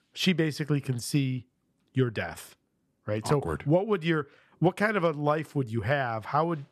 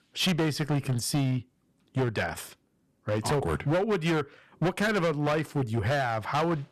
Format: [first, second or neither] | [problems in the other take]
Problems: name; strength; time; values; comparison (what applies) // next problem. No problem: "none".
first | distortion; heavy; 15% of the sound clipped